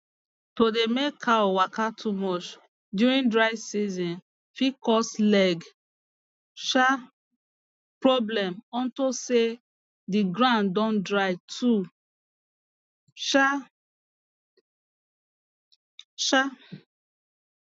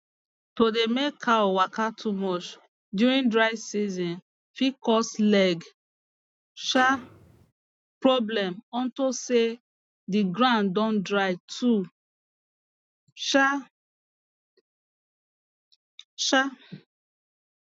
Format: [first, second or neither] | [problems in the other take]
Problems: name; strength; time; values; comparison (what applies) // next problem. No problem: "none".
first | background sound (Snare drum); 16 dB below the speech